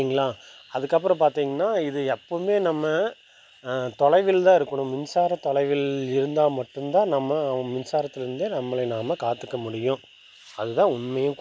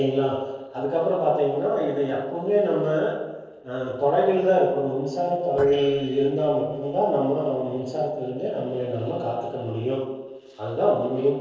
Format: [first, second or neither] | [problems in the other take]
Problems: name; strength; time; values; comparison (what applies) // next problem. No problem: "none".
first | noise reduction (neural separator model SepFormer DNS4)